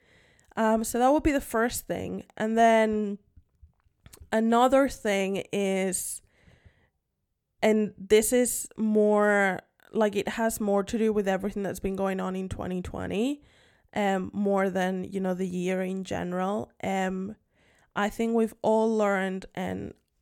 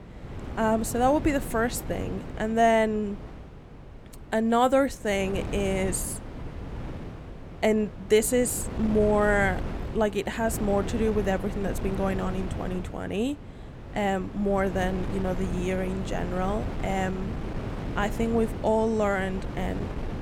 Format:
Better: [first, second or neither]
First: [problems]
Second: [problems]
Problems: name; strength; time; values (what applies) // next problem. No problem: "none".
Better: first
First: none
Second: wind noise on the microphone; occasional gusts; 15 dB below the speech